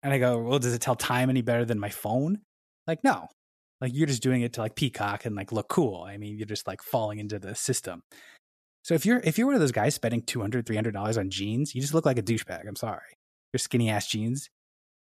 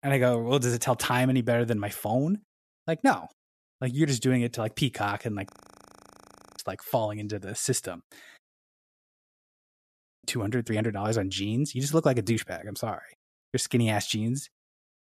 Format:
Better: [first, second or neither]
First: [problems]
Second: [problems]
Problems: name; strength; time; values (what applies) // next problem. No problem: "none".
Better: first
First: none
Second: audio freezing; at 5.5 s for 1 s and at 8.5 s for 1.5 s